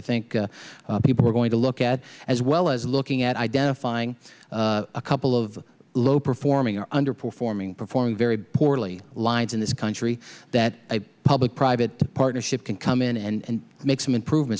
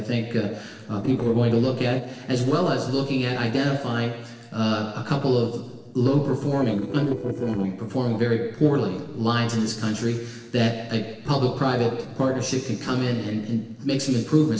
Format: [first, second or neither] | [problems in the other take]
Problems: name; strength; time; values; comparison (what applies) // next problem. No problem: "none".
first | noise reduction (neural separator model SepFormer DNS4)